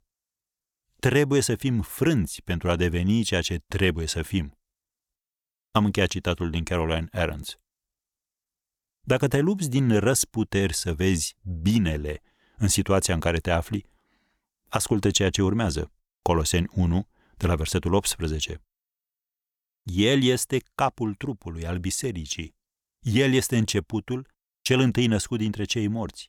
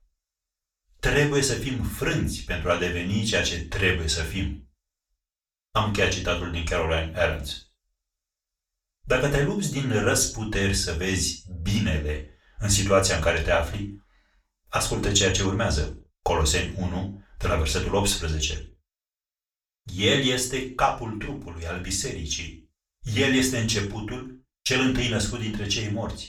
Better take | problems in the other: first | room echo; slight; dies away in 0.3 s // off-mic speech; far

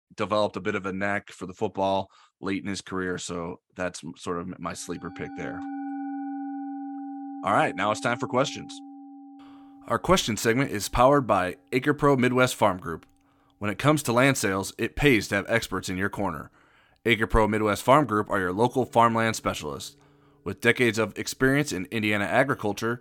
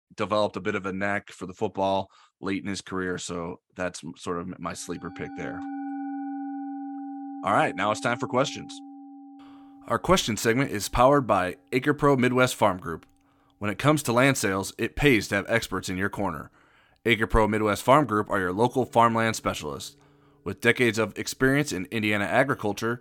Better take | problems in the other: neither | background music; noticeable; from 5.5 s on; 15 dB below the speech; the same in both

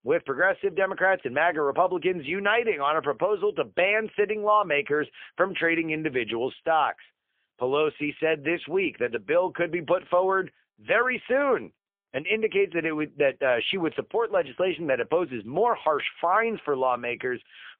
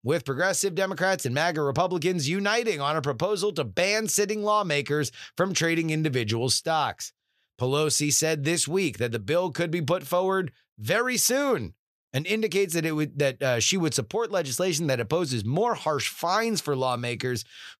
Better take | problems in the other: second | phone-call audio; poor line

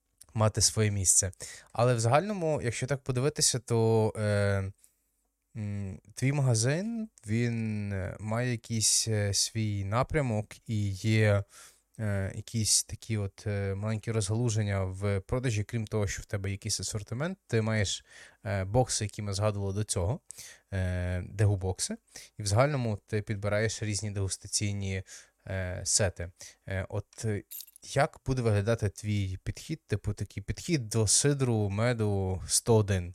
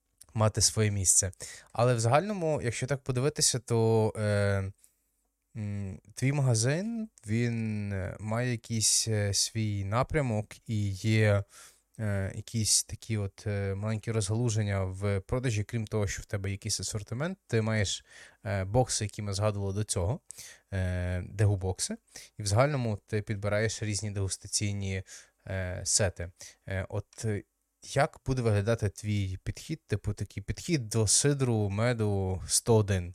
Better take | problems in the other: second | jangling keys; faint; at 28 s; peak 15 dB below the speech

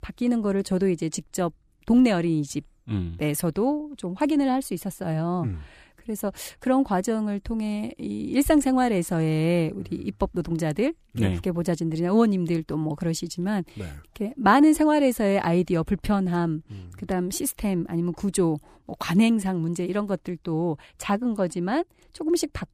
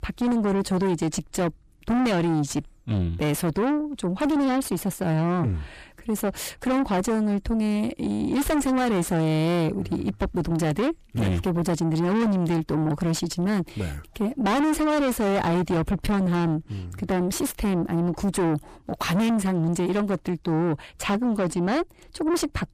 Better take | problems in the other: first | distortion; heavy; 6 dB below the speech

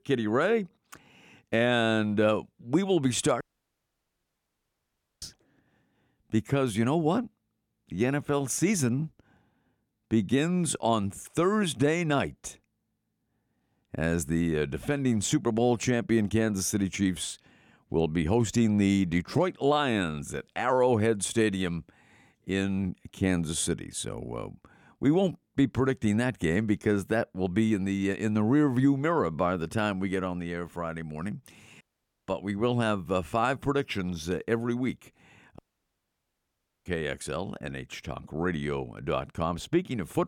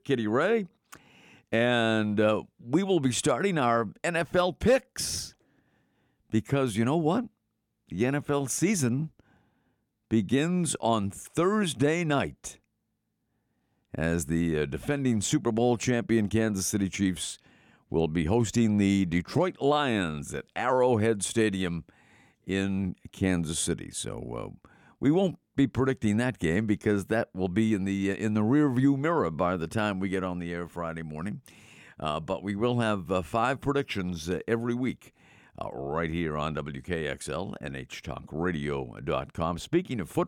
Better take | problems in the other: second | audio cutting out; at 3.5 s for 2 s, at 32 s and at 36 s for 1.5 s

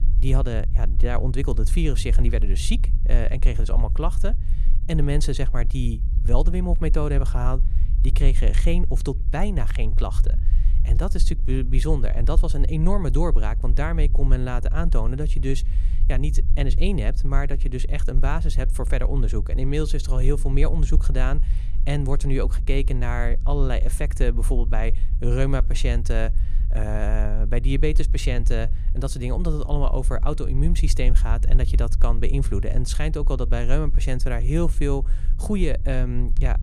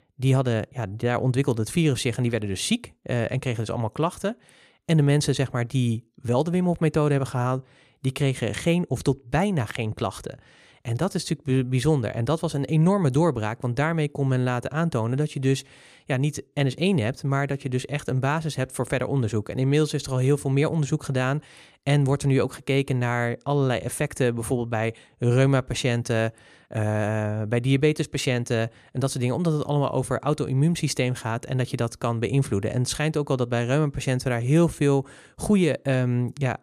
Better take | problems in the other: second | low rumble; noticeable; throughout; 15 dB below the speech

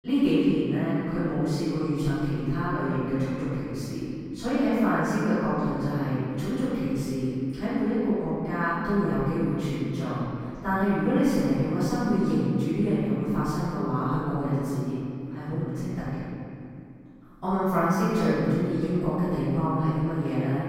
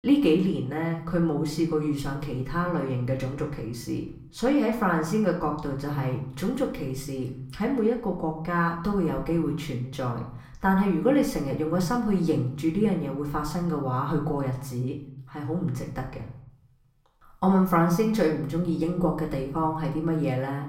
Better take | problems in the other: second | room echo; strong; dies away in 2.7 s; slight in the second // off-mic speech; far; far in the second

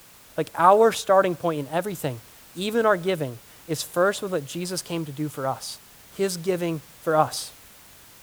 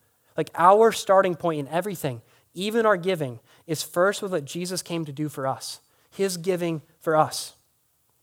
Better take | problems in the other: second | hiss; faint; throughout; 20 dB below the speech

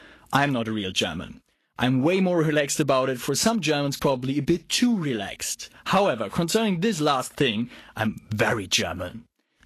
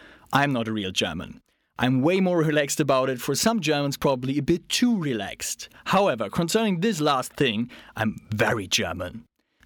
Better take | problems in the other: second | garbled, watery; slightly; nothing above 12.5 kHz

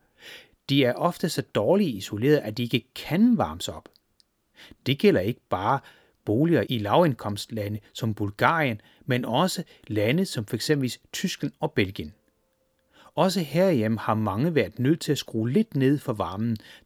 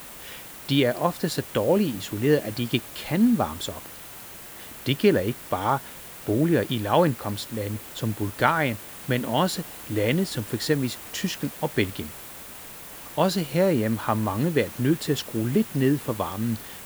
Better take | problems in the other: first | hiss; noticeable; throughout; 15 dB below the speech

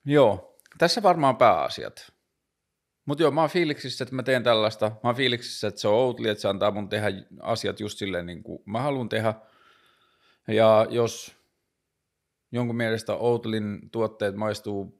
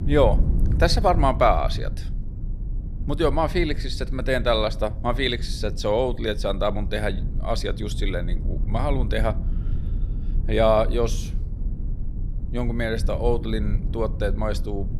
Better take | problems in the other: first | low rumble; noticeable; throughout; 20 dB below the speech

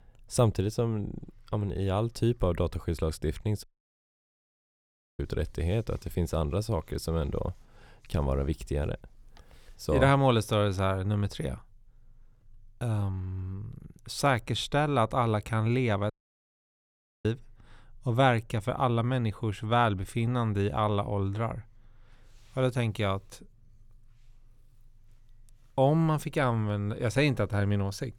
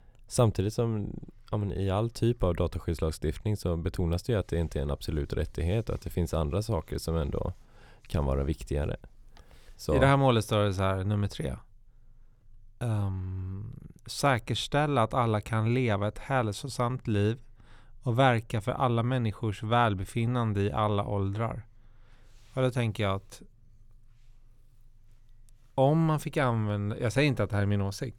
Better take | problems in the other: second | audio cutting out; at 3.5 s for 1.5 s and at 16 s for 1 s

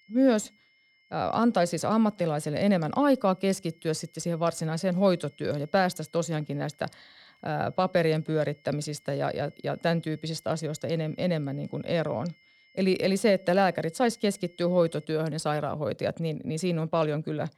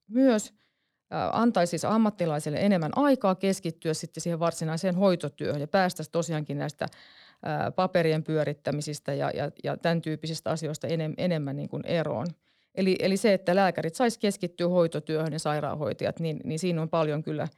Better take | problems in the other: second | high-pitched whine; faint; until 15 s; 2 kHz, 35 dB below the speech

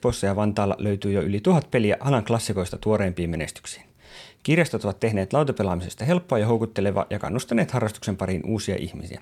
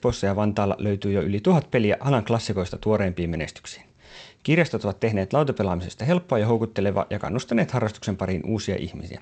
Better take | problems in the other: first | garbled, watery; slightly; nothing above 8 kHz

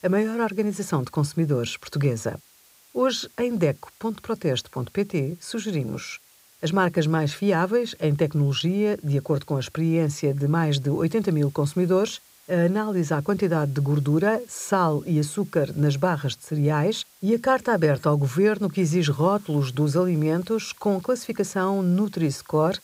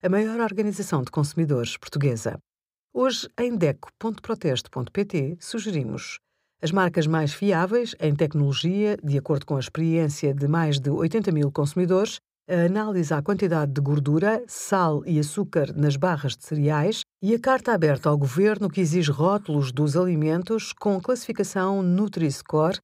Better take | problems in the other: second | hiss; faint; throughout; 30 dB below the speech

